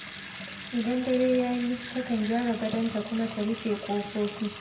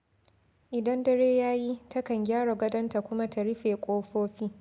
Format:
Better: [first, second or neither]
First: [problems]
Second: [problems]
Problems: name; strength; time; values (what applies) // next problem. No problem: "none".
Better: second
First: background sound (Bathtub (filling or washing) / Sink (filling or washing) / Water tap, faucet); 12 dB below the speech // room echo; dies away in 0.9 s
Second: none